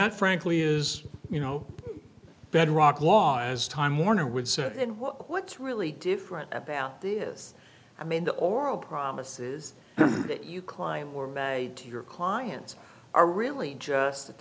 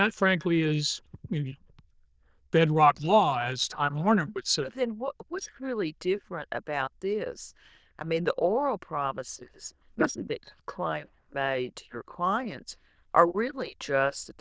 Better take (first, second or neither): first